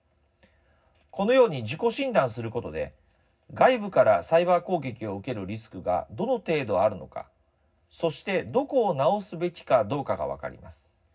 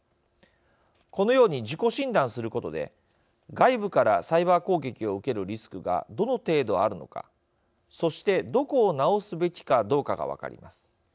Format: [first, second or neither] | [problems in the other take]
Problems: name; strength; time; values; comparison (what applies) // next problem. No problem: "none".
second | room echo; dies away in 0.4 s